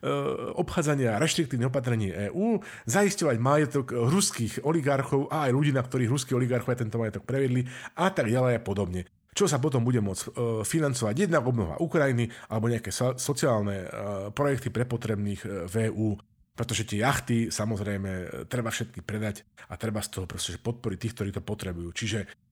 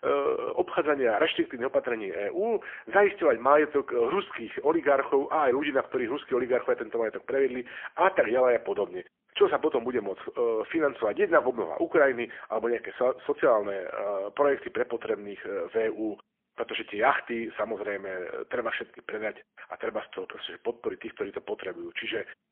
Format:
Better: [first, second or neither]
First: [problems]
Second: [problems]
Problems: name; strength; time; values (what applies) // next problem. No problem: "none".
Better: first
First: none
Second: phone-call audio; poor line; nothing above 3.5 kHz